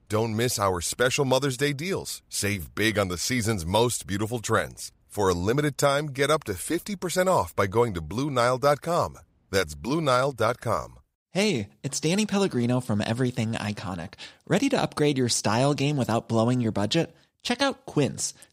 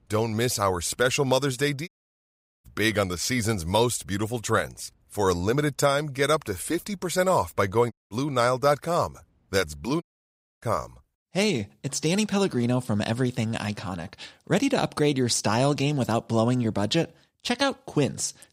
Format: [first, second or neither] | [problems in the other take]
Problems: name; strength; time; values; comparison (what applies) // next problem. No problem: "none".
first | audio cutting out; at 2 s for 1 s, at 8 s and at 10 s for 0.5 s